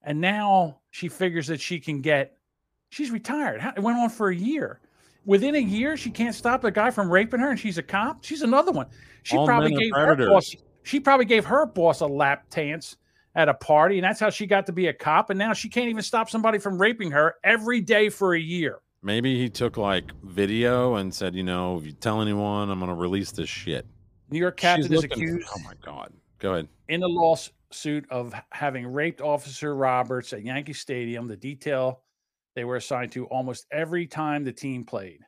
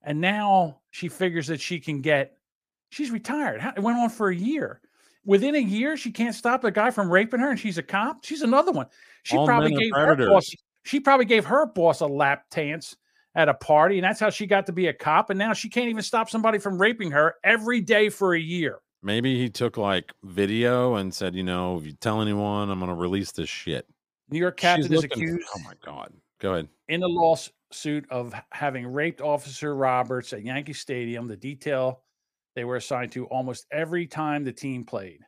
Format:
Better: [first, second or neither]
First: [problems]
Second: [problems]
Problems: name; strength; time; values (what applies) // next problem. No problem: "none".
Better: second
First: rain or running water; faint; throughout; 25 dB below the speech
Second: none